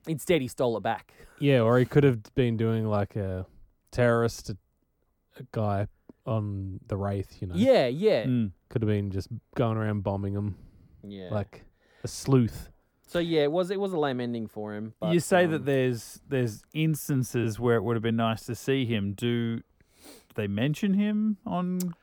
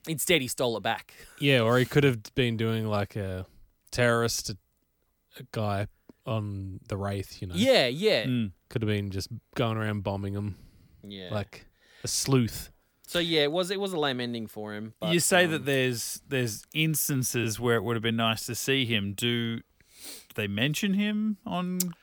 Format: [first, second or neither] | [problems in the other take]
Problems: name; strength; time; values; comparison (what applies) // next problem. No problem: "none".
second | muffled; slightly; fading above 1.5 kHz